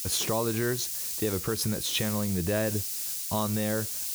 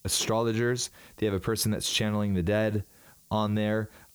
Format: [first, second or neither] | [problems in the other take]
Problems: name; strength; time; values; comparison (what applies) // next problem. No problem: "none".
second | hiss; loud; throughout; 2 dB below the speech; faint in the second